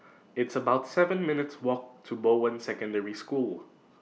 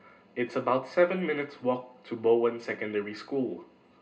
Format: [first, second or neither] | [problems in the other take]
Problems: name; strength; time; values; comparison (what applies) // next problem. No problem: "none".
first | room echo; dies away in 0.2 s